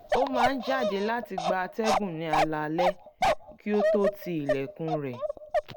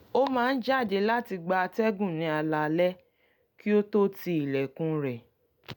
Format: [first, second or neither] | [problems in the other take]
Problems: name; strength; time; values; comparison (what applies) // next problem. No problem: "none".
second | background sound (Bark); 1 dB above the speech